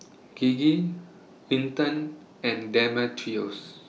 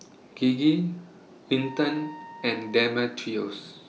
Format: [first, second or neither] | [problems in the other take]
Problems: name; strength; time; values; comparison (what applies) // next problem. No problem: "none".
first | background sound (Wind instrument, woodwind instrument); 20 dB below the speech